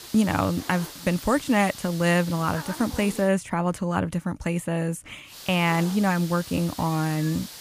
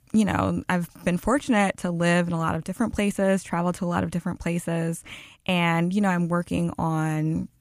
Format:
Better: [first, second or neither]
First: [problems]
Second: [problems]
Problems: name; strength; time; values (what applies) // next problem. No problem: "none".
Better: second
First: hiss; noticeable; until 3.5 s and from 5.5 s on; 15 dB below the speech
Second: none